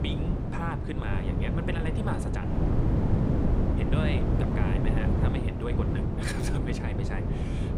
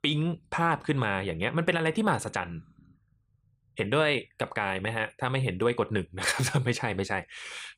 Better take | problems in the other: second | wind noise on the microphone; heavy; 2 dB above the speech

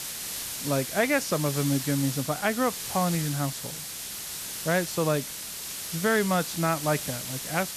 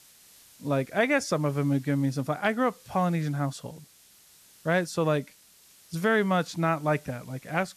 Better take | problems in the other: second | hiss; loud; throughout; 5 dB below the speech; faint in the second

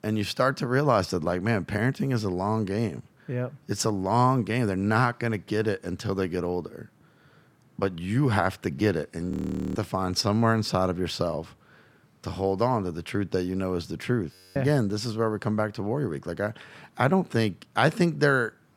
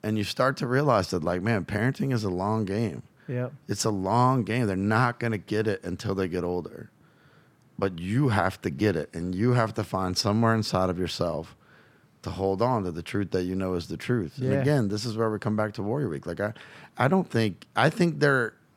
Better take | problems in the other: second | audio freezing; at 9.5 s and at 14 s

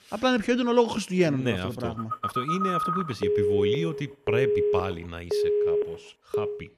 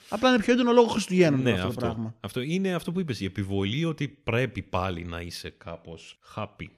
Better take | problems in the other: second | phone ringing; loud; from 2 s on; peak 4 dB above the speech

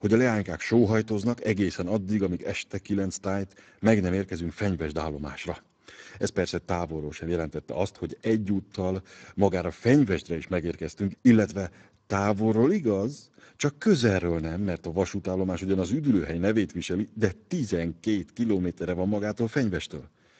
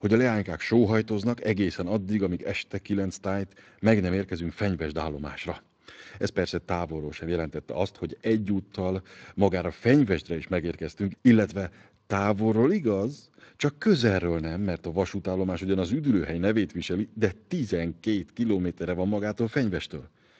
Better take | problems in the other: second | garbled, watery; badly; nothing above 7.5 kHz; slightly in the second

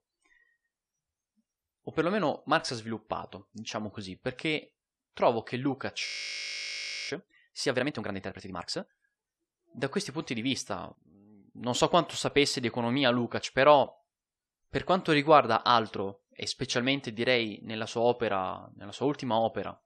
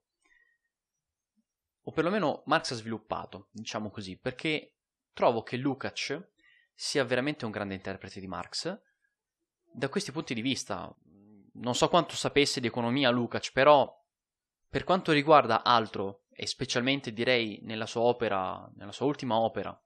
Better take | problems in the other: second | audio freezing; at 6 s for 1 s

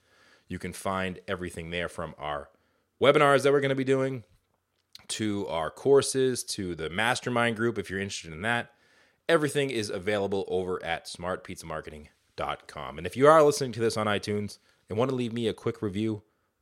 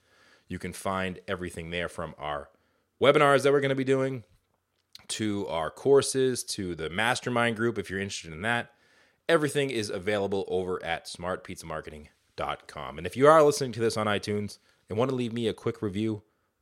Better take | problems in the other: neither | none

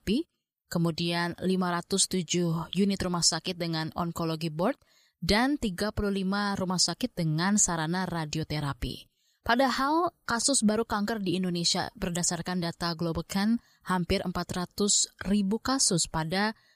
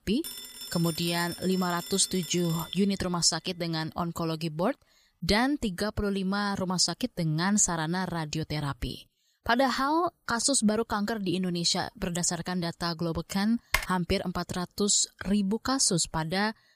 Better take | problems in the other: first | phone ringing; noticeable; until 3 s; peak 7 dB below the speech // keyboard typing; noticeable; at 14 s; peak 2 dB below the speech

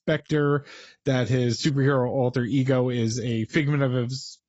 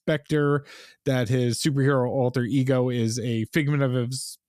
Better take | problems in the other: second | garbled, watery; badly; nothing above 7.5 kHz

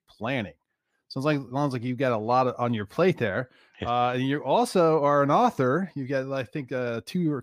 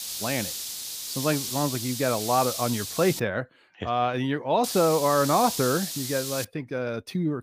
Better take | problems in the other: first | hiss; loud; until 3 s and from 4.5 to 6.5 s; 5 dB below the speech

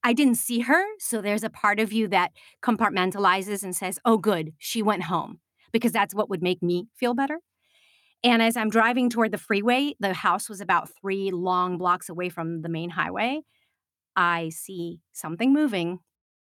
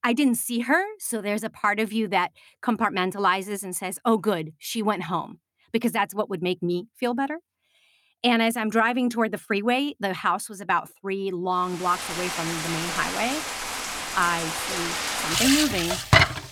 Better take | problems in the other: first | household noises; very loud; from 12 s on; 1 dB above the speech

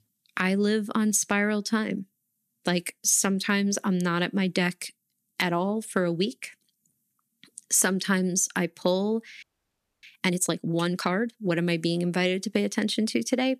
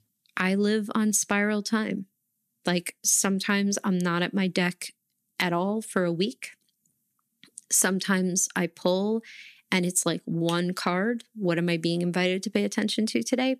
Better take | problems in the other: second | audio freezing; at 9.5 s for 0.5 s

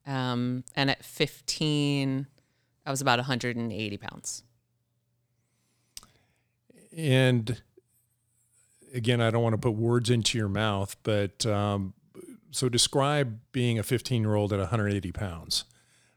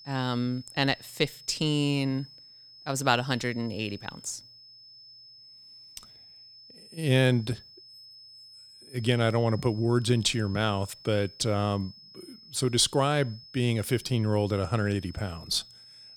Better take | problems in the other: first | high-pitched whine; faint; throughout; 5 kHz, 20 dB below the speech

